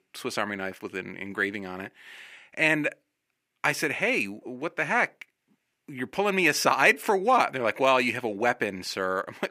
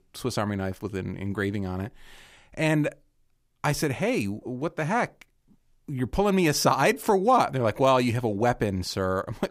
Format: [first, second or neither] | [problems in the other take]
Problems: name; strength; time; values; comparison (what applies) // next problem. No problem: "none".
second | thin; very slightly; fading below 250 Hz